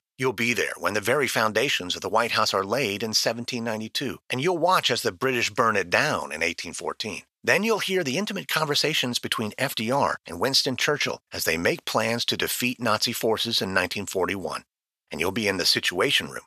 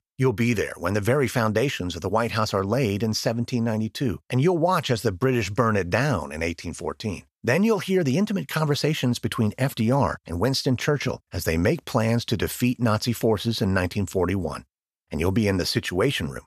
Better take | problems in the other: second | thin; somewhat; fading below 700 Hz

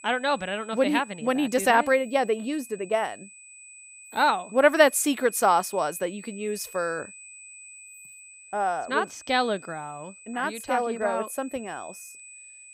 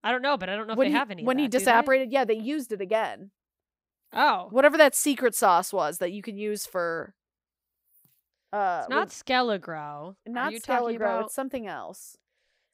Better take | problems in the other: second | high-pitched whine; noticeable; throughout; 8 kHz, 20 dB below the speech

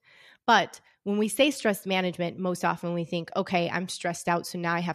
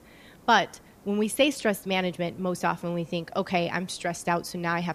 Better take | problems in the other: first | hiss; faint; throughout; 25 dB below the speech

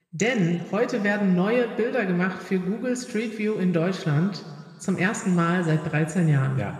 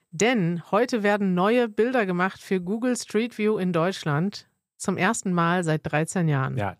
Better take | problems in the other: second | room echo; noticeable; dies away in 2 s // off-mic speech; somewhat distant

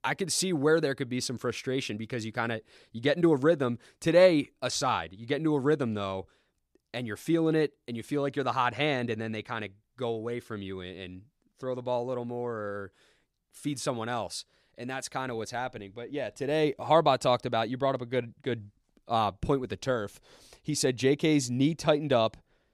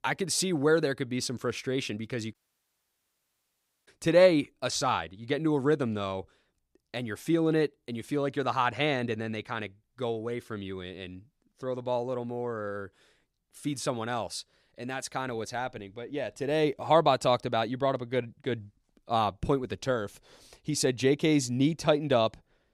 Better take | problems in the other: first | audio cutting out; at 2.5 s for 1.5 s

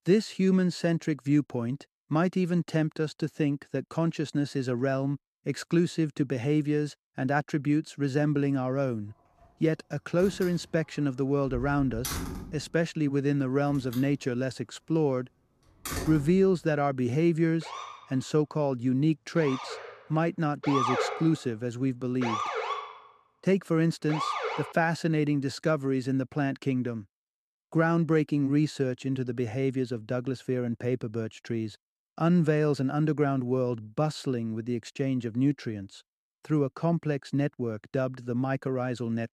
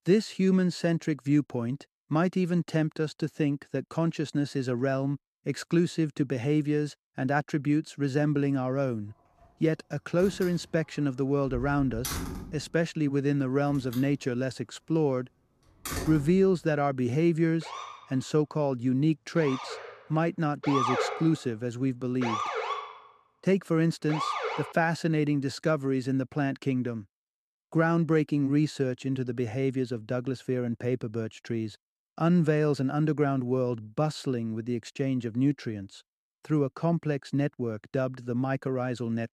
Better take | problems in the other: neither | door banging; noticeable; from 10 to 16 s; peak 5 dB below the speech; the same in both // siren; loud; from 18 to 25 s; peak 1 dB above the speech; the same in both

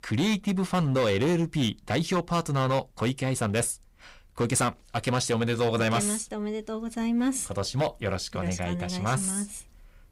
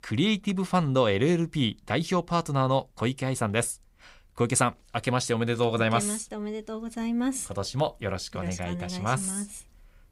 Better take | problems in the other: second | distortion; slight; 8% of the sound clipped

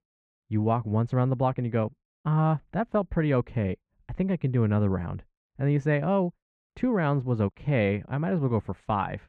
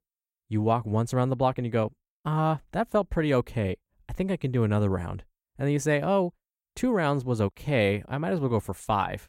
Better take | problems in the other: second | muffled; very; fading above 2 kHz

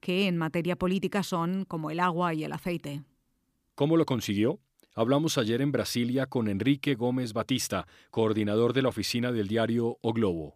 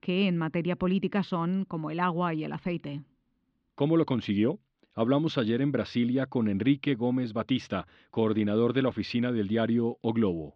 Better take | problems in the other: first | muffled; slightly; fading above 4 kHz

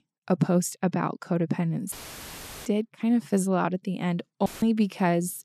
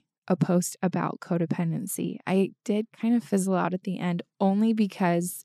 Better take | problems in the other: second | audio cutting out; filled with static; at 2 s for 0.5 s and at 4.5 s

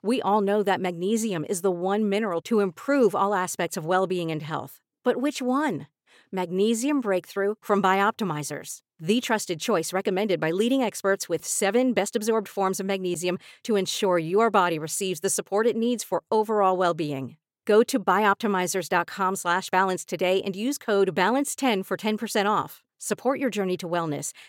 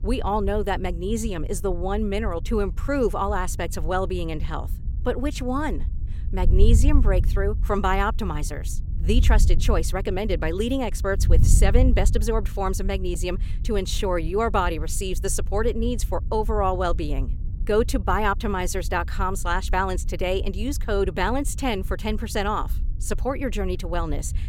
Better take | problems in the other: first | wind noise on the microphone; occasional gusts; 20 dB below the speech

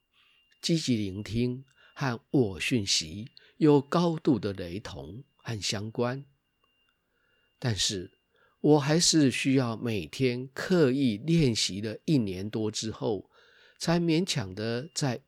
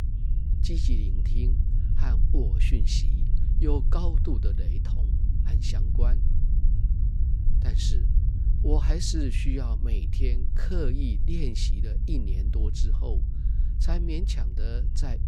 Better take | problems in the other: first | low rumble; loud; throughout; 7 dB below the speech

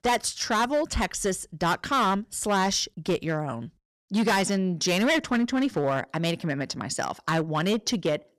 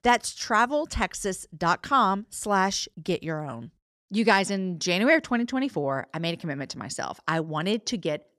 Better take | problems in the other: second | distortion; heavy; 9% of the sound clipped

